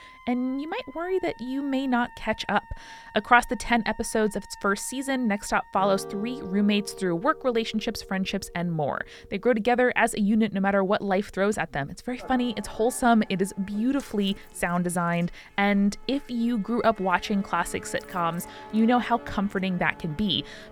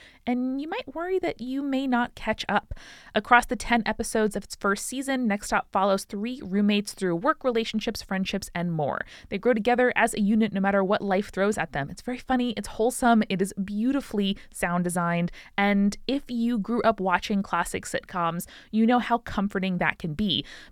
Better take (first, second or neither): second